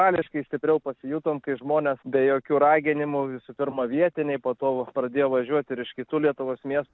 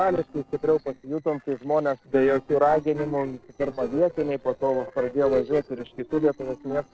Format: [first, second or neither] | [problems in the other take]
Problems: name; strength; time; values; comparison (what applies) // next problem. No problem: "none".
first | noise reduction (neural separator model SepFormer DNS4)